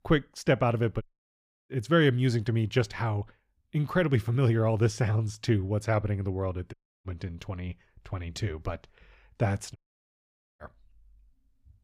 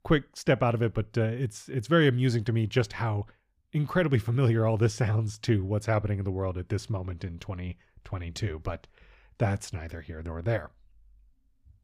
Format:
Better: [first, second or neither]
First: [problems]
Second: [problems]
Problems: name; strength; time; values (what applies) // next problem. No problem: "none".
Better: second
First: audio cutting out; at 1 s for 0.5 s, at 6.5 s and at 10 s for 1 s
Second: none